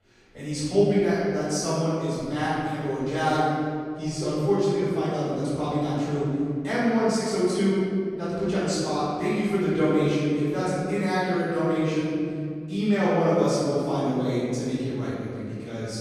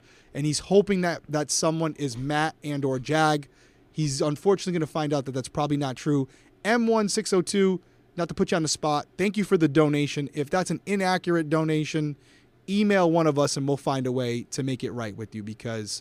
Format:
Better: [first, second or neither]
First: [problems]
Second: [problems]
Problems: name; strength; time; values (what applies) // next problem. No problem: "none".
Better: second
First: off-mic speech; far // room echo; strong; dies away in 2.3 s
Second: none